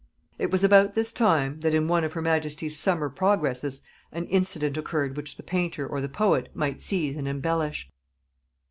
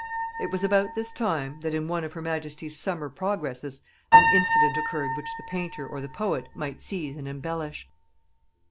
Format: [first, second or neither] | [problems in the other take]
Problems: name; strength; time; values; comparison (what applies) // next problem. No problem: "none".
first | background sound (Piano); 2 dB above the speech